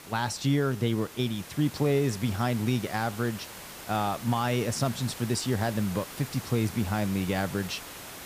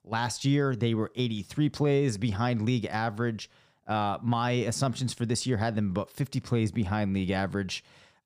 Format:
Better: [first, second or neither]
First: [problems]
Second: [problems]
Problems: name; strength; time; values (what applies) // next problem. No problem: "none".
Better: second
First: hiss; noticeable; throughout; 15 dB below the speech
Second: none